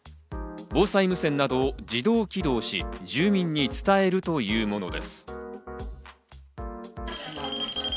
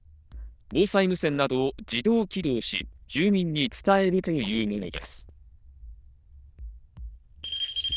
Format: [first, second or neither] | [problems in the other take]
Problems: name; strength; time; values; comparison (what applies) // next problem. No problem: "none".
first | noise reduction (neural diffusion model UNIVERSE++)